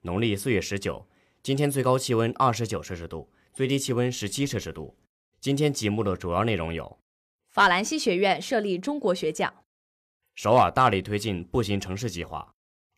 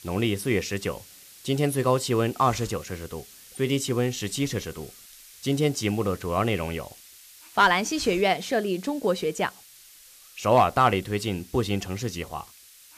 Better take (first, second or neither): first